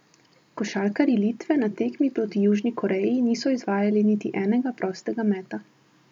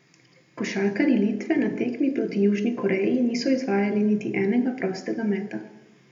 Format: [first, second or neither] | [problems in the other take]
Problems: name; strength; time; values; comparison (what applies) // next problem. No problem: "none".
first | room echo; dies away in 0.8 s